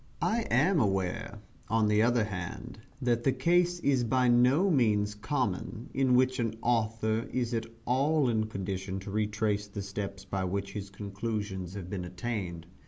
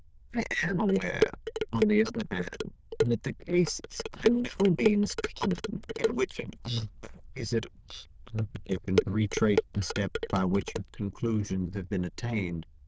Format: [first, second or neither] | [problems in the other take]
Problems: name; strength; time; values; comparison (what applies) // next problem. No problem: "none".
first | noise reduction (neural diffusion model UNIVERSE++)